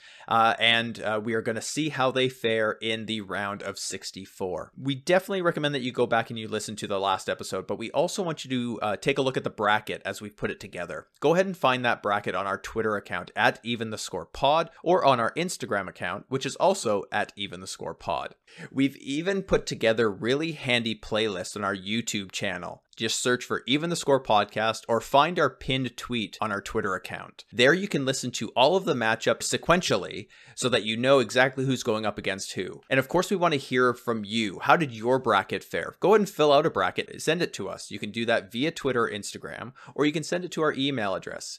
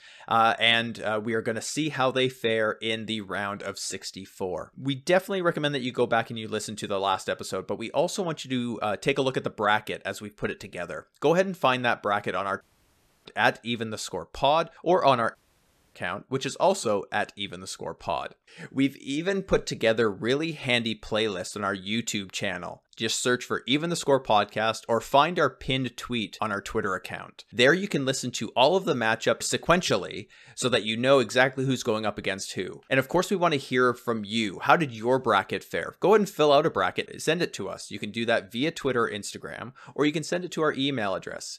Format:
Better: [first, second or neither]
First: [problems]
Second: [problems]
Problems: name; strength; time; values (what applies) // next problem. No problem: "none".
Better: first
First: none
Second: audio cutting out; at 13 s for 0.5 s and at 15 s for 0.5 s